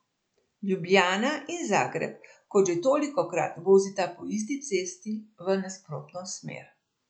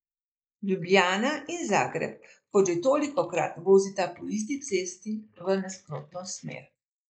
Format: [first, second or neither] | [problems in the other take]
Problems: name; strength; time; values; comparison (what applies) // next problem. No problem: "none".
first | noise reduction (neural mask model Resemble Enhance denoiser)